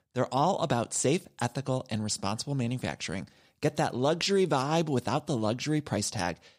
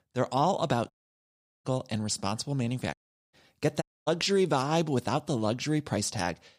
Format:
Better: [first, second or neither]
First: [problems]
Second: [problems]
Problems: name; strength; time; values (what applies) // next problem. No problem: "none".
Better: first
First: none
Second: audio cutting out; at 1 s for 0.5 s, at 3 s and at 4 s